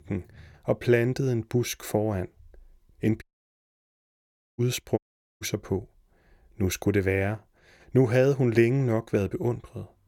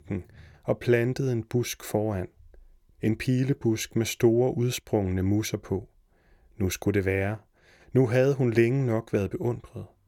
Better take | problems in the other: second | audio cutting out; at 3 s for 1.5 s and at 5 s

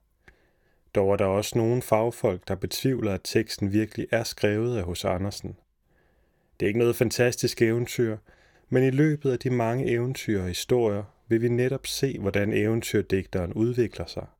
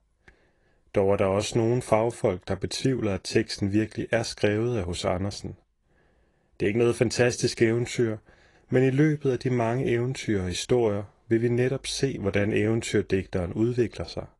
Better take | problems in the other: first | garbled, watery; slightly; nothing above 10.5 kHz

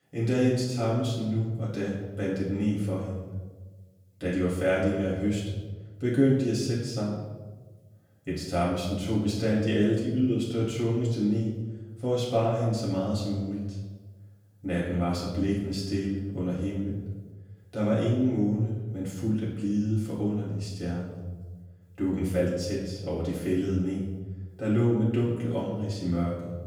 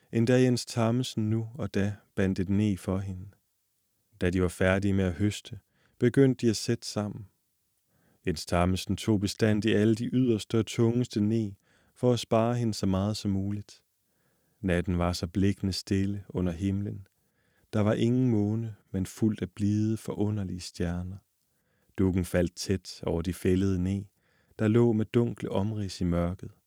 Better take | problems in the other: second | off-mic speech; far // room echo; noticeable; dies away in 1.1 s

